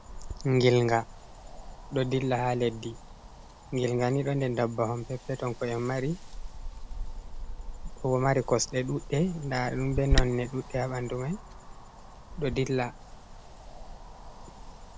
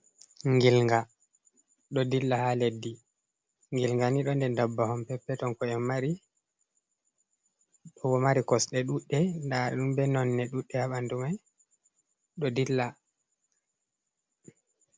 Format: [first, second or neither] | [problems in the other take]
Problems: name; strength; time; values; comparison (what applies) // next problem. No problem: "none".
second | background sound (Wind); 7 dB below the speech